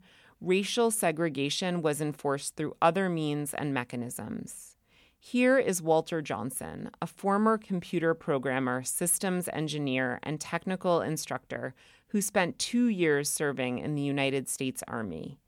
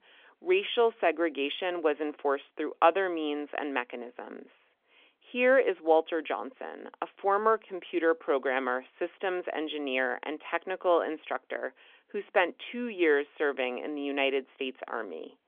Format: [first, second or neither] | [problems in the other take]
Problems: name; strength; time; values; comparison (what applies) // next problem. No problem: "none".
first | phone-call audio; nothing above 3.5 kHz